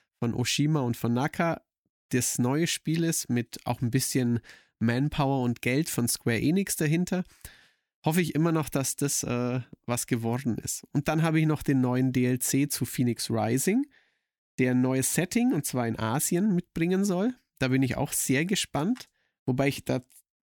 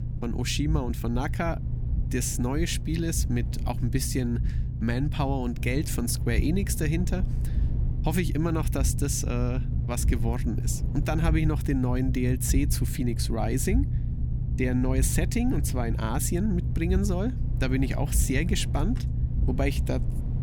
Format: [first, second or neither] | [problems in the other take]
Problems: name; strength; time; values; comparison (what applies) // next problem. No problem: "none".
first | low rumble; noticeable; throughout; 10 dB below the speech